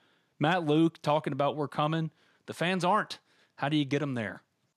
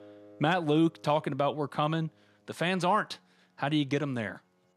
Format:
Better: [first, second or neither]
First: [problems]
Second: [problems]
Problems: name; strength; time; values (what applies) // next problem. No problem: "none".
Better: first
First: none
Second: background music; faint; throughout; 30 dB below the speech